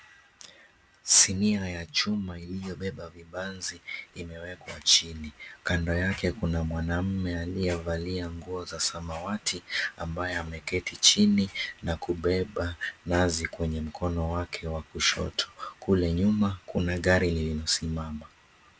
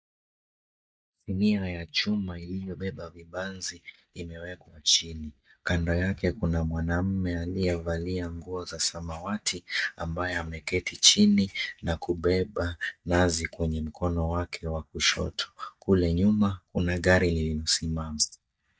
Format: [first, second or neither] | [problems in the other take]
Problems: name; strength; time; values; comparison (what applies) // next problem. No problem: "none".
first | noise reduction (neural mask model DeepFilterNet 3)